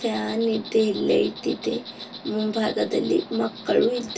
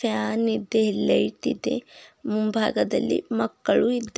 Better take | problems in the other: second | background sound (Insect); 14 dB below the speech // room echo; dies away in 0.1 s

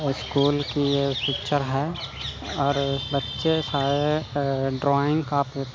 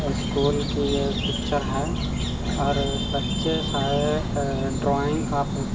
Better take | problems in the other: first | background sound (Insect); as loud as the speech // room echo; dies away in 1.7 s

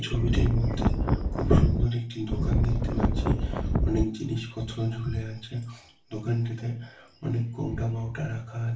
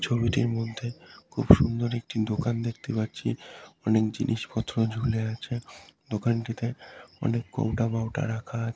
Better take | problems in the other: second | background sound (Wind); 4 dB above the speech // room echo; dies away in 0.3 s

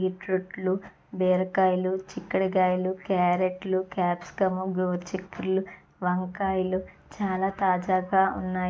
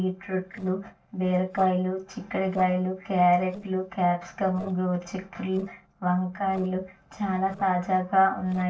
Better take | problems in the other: first | noise reduction (neural separator model SepFormer DNS4)

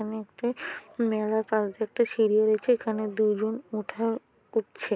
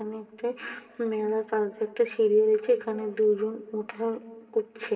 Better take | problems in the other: first | room echo; dies away in 2.9 s

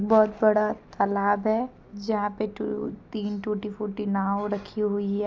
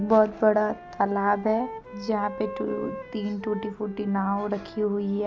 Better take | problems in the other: first | background sound (Wind instrument, woodwind instrument); 14 dB below the speech

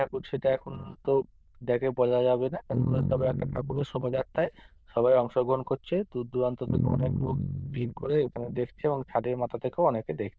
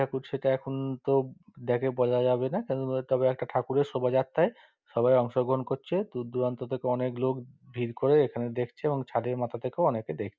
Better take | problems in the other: second | noise reduction (neural diffusion model UNIVERSE++)

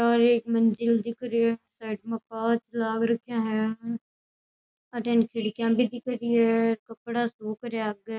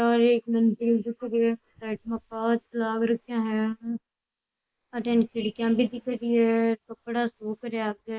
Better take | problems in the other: first | noise reduction (neural mask model Resemble Enhance denoiser)

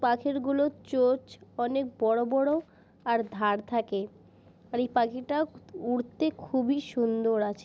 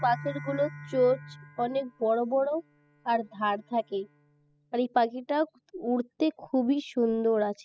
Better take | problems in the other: first | noise reduction (classical method spectral subtraction)

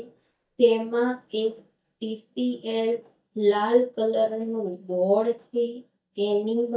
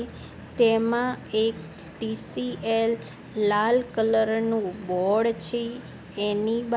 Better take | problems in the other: second | noise reduction (neural mask model DeepFilterNet 3)

